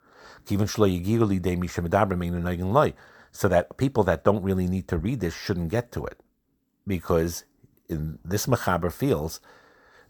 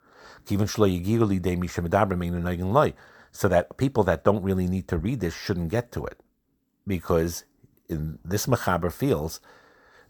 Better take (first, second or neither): neither